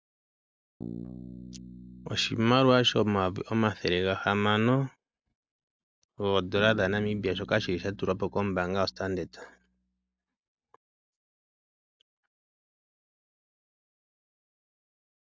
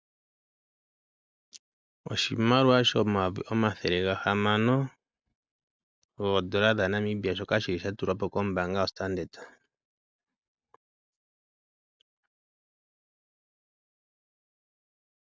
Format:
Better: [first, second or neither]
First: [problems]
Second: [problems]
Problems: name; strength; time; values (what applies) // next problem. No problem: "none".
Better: second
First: background sound (Bass guitar); 16 dB below the speech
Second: none